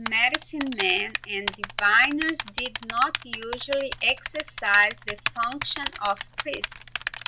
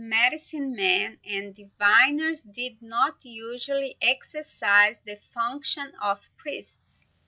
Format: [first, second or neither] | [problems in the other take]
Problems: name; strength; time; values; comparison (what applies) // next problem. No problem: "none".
second | background sound (Typing); 8 dB below the speech